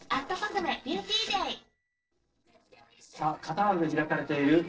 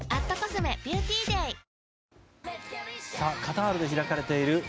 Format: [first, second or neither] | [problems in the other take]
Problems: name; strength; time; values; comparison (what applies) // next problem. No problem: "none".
second | noise reduction (neural separator model SepFormer DNS4)